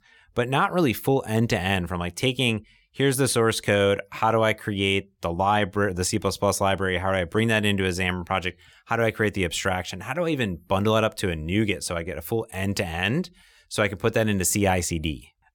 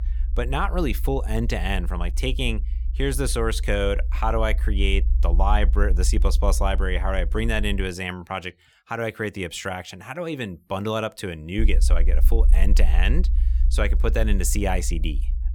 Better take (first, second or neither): first